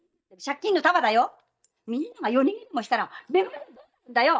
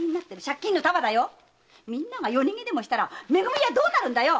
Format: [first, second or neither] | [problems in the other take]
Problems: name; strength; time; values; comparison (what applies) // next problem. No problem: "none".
second | noise reduction (neural mask model DeepFilterNet 3)